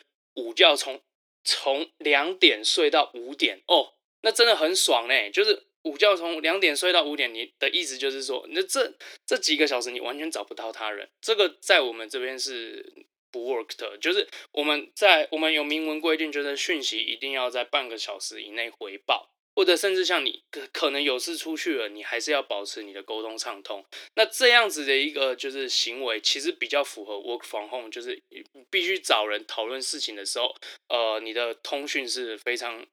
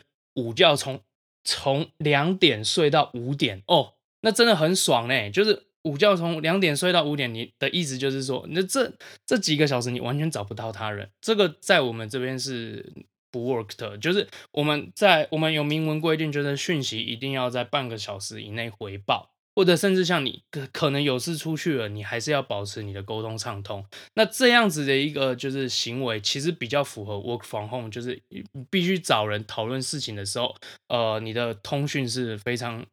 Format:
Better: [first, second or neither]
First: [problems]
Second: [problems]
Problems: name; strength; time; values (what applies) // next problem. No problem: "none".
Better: second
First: thin; somewhat; fading below 300 Hz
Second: none